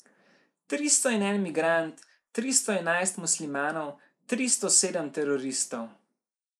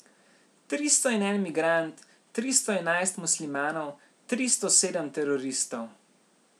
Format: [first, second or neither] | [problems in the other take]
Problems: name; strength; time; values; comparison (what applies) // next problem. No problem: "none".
second | noise reduction (neural mask model Resemble Enhance denoiser)